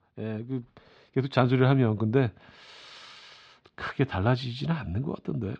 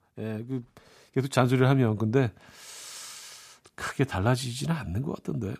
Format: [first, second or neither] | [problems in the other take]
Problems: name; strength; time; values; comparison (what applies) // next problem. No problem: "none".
second | muffled; very slightly; fading above 4 kHz